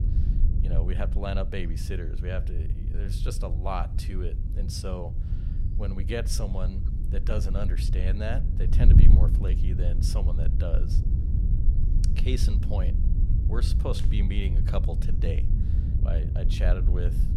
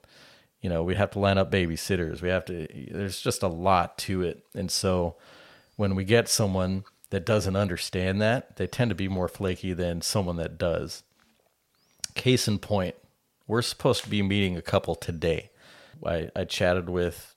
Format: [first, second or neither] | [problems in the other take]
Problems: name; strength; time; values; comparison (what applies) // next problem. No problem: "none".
second | wind noise on the microphone; heavy; 5 dB below the speech